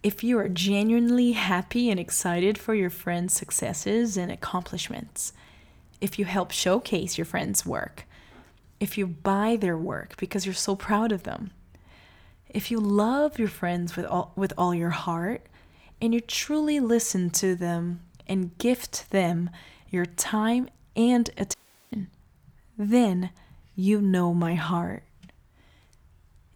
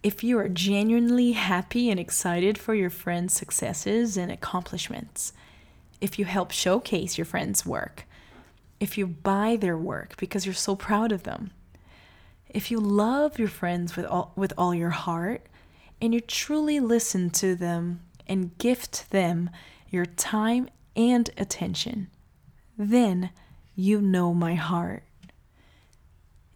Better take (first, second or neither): second